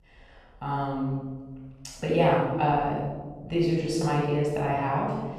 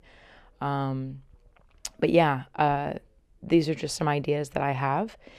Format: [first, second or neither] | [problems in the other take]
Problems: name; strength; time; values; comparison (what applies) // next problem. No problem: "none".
second | off-mic speech; far // room echo; strong; dies away in 1.3 s